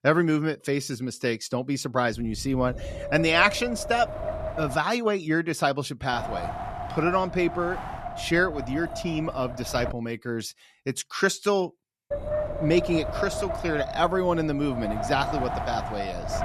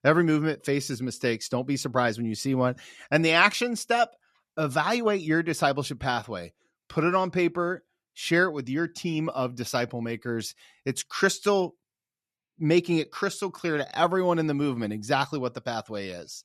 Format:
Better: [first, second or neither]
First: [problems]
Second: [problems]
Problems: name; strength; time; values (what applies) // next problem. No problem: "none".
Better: second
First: wind noise on the microphone; heavy; from 2 to 5 s, from 6 to 10 s and from 12 s on; 6 dB below the speech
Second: none